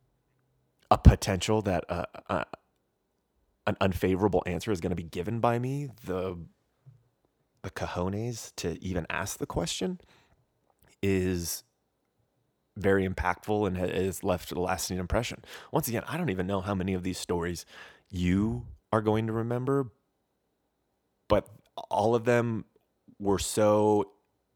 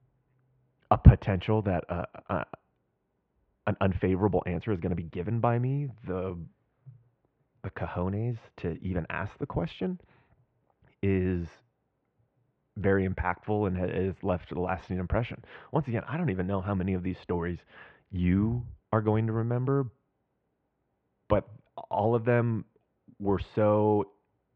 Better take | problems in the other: first | muffled; very; fading above 2.5 kHz

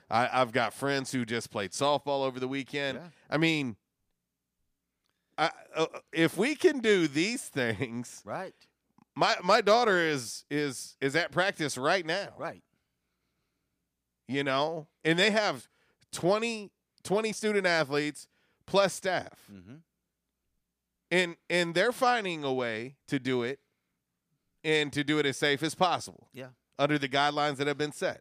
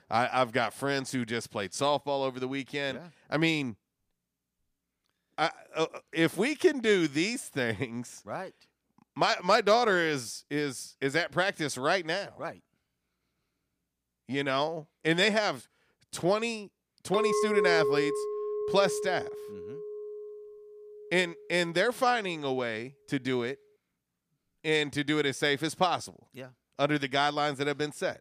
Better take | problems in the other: first | clattering dishes; loud; from 17 to 20 s; peak 2 dB above the speech

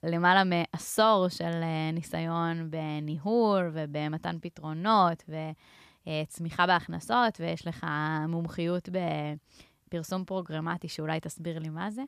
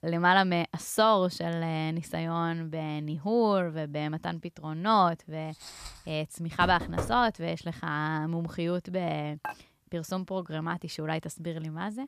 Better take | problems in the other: first | footsteps; faint; at 5.5 s; peak 15 dB below the speech // door banging; noticeable; at 6.5 s; peak 6 dB below the speech // clattering dishes; faint; at 9.5 s; peak 10 dB below the speech

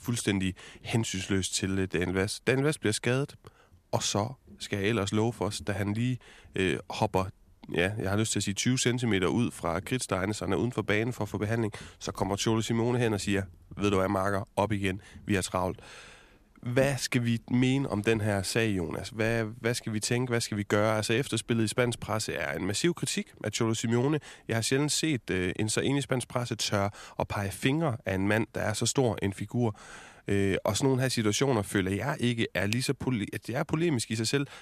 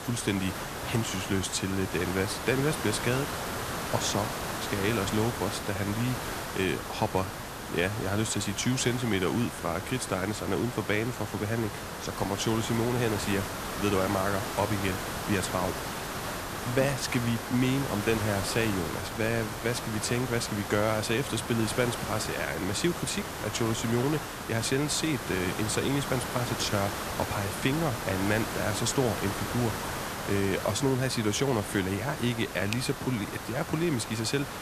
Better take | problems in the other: first | hiss; loud; throughout; 5 dB below the speech

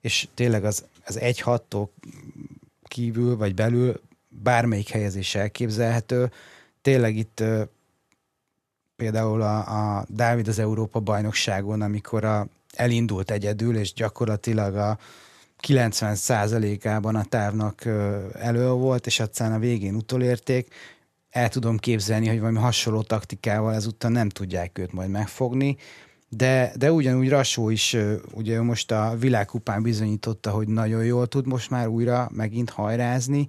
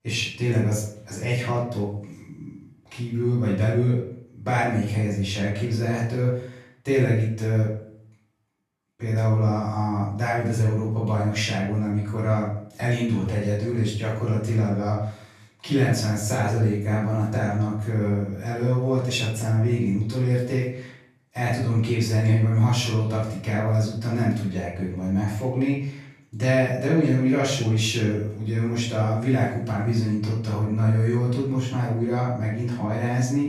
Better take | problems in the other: first | room echo; noticeable; dies away in 0.5 s // off-mic speech; far

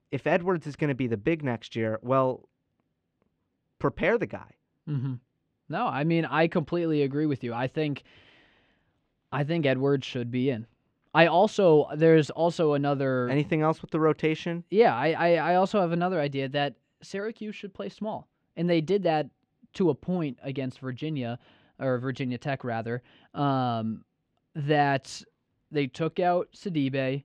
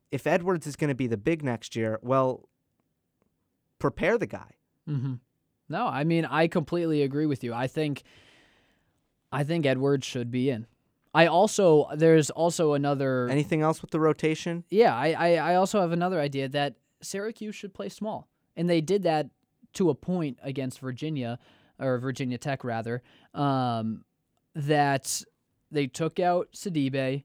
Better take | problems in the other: second | muffled; very slightly; fading above 3 kHz

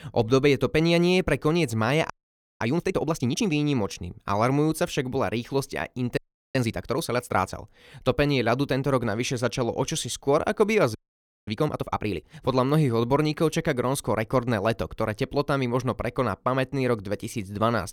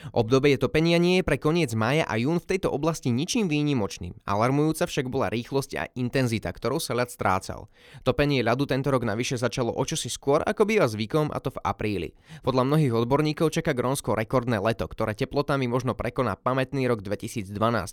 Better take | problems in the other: second | audio freezing; at 2 s for 0.5 s, at 6 s and at 11 s for 0.5 s

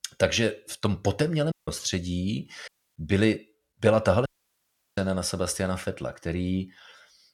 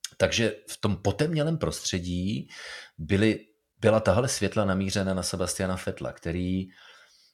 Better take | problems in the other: second | audio cutting out; at 1.5 s, at 2.5 s and at 4.5 s for 0.5 s

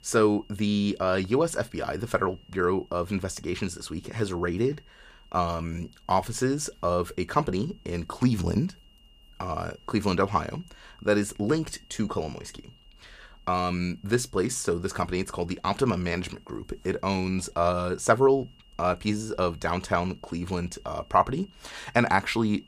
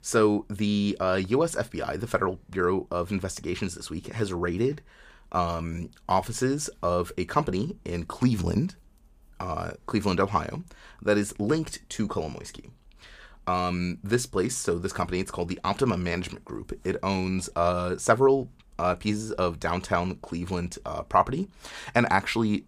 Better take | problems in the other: second | high-pitched whine; faint; throughout; 3 kHz, 30 dB below the speech

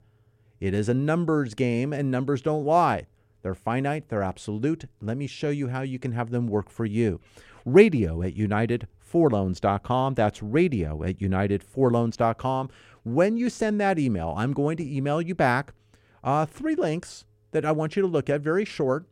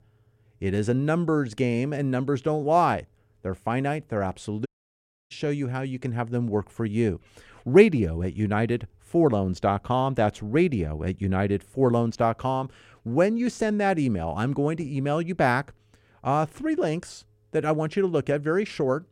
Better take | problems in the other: first | audio cutting out; at 4.5 s for 0.5 s

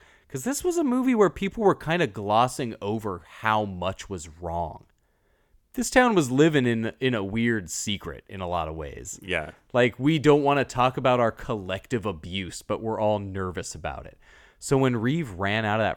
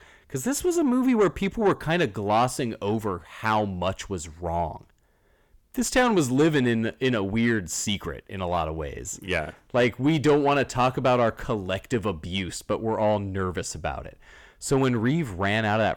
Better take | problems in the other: first | distortion; slight; 10 dB below the speech

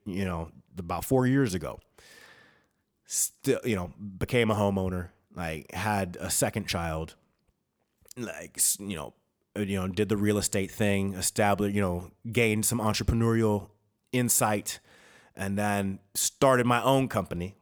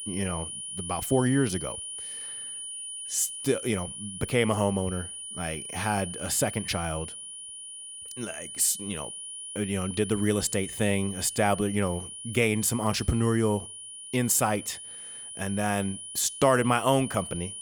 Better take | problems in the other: first | high-pitched whine; loud; throughout; 9.5 kHz, 9 dB below the speech

